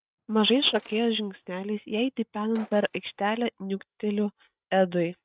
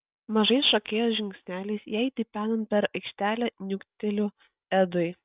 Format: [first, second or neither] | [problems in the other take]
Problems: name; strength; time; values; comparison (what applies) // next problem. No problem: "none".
second | noise reduction (neural mask model RNNoise)